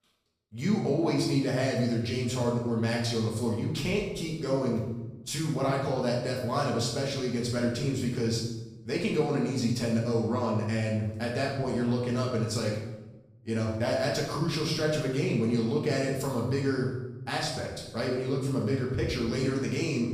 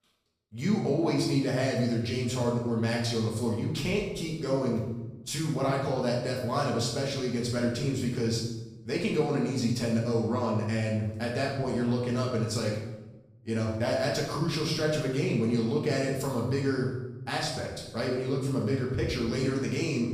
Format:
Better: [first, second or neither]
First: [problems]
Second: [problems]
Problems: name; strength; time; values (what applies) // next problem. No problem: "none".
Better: neither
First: room echo; noticeable; dies away in 0.9 s // off-mic speech; far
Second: room echo; noticeable; dies away in 0.9 s // off-mic speech; far